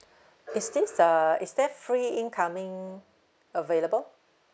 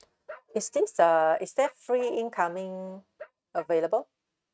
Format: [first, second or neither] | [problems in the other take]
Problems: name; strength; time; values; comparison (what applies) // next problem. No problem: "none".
first | noise reduction (neural mask model RNNoise)